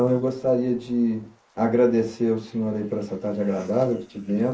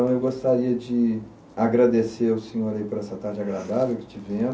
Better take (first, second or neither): second